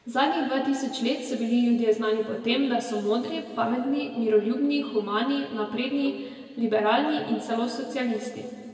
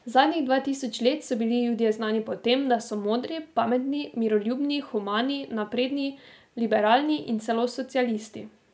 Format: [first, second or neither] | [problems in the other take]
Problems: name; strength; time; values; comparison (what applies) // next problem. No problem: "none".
second | background sound (Marimba, xylophone); 19 dB below the speech // room echo; dies away in 2.3 s